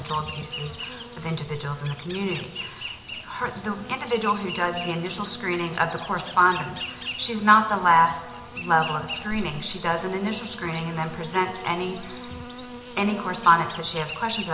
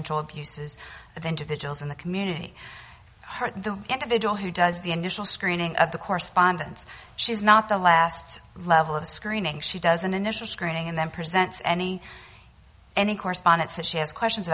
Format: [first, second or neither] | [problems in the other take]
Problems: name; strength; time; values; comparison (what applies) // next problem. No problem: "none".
second | background sound (Insect); 12 dB below the speech // room echo; dies away in 0.8 s